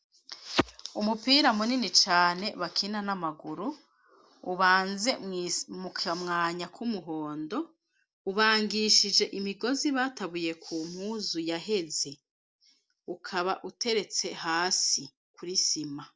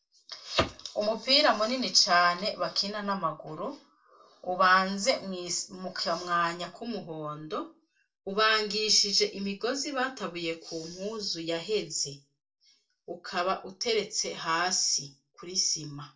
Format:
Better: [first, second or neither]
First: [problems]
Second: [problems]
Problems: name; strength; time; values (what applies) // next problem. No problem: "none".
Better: first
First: none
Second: room echo; dies away in 0.2 s